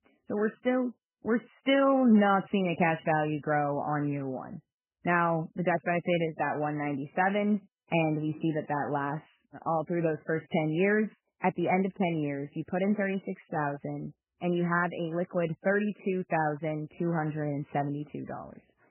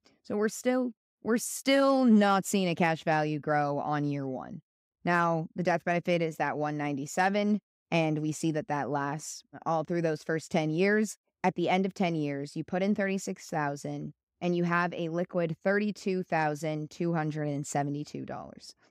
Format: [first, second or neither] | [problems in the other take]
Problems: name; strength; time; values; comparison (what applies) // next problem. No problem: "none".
second | garbled, watery; badly; nothing above 3 kHz